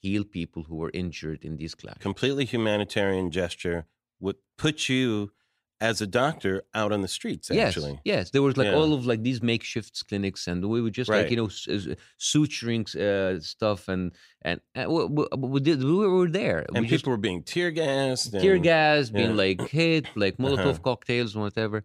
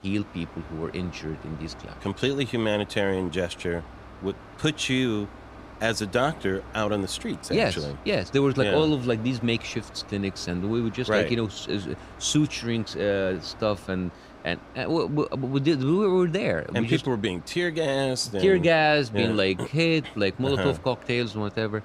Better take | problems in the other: first | machinery noise; noticeable; throughout; 20 dB below the speech

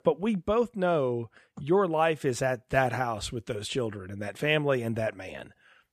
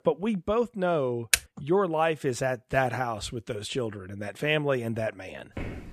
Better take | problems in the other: first | keyboard typing; very faint; at 1.5 s; peak 3 dB above the speech // footsteps; noticeable; at 5.5 s; peak 10 dB below the speech

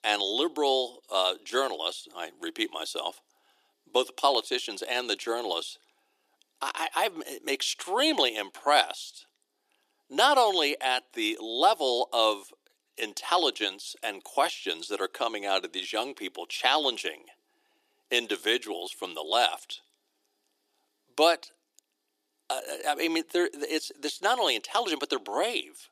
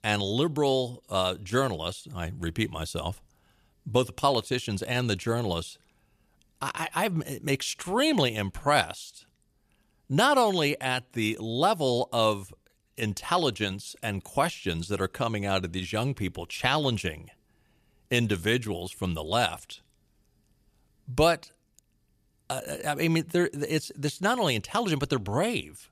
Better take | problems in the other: second | thin; very; fading below 300 Hz

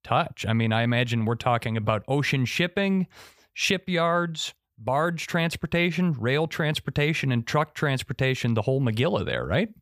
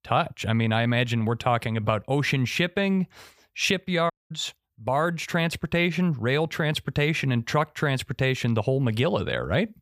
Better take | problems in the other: first | audio cutting out; at 4 s

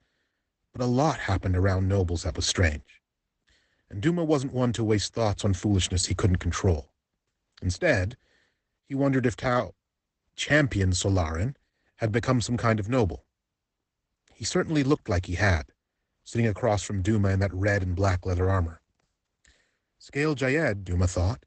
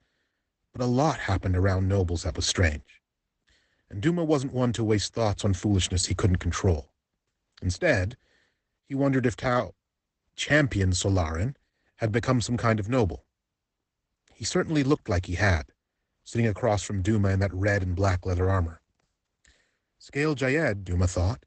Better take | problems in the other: neither | garbled, watery; badly; nothing above 8 kHz; the same in both

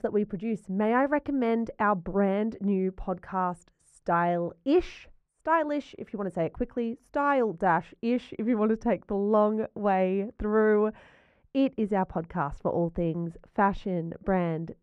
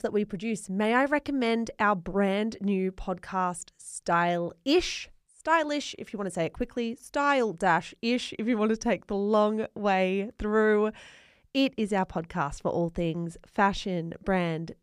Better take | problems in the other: second | muffled; very; fading above 2.5 kHz

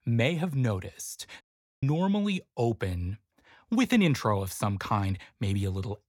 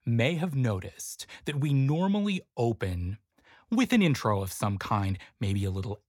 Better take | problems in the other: second | audio cutting out; at 1.5 s

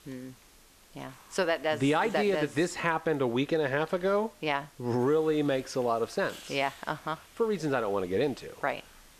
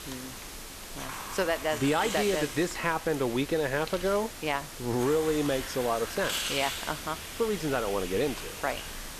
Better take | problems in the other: first | hiss; loud; throughout; 7 dB below the speech; faint in the first

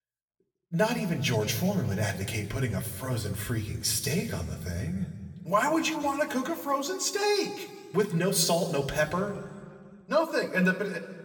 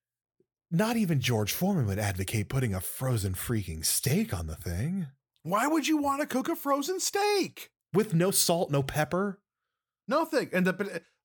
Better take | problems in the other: second | room echo; slight; dies away in 1.5 s // off-mic speech; somewhat distant

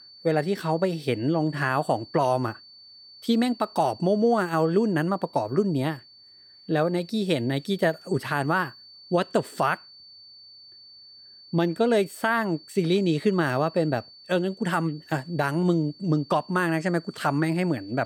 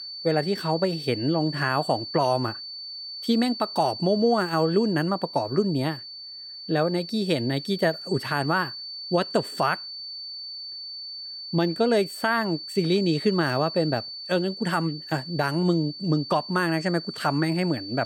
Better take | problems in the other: first | high-pitched whine; loud; throughout; 4.5 kHz, 9 dB below the speech; faint in the first

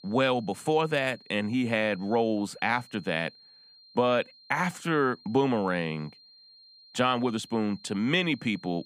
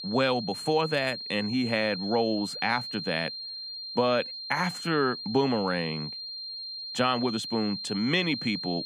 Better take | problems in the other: first | high-pitched whine; loud; throughout; 4 kHz, 7 dB below the speech; faint in the first

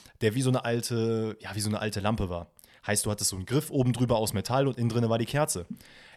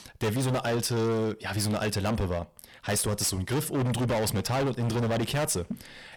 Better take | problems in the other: first | distortion; heavy; 26% of the sound clipped

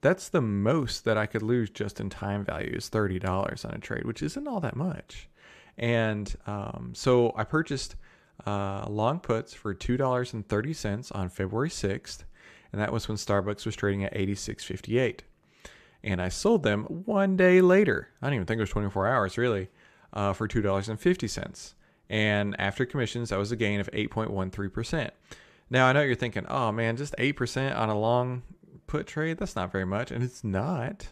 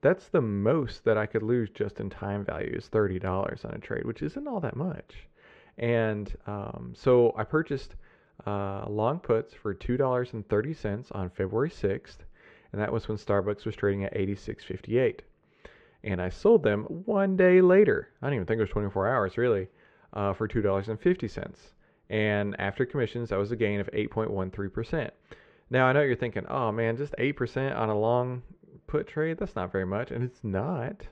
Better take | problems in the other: first | muffled; slightly; fading above 2.5 kHz

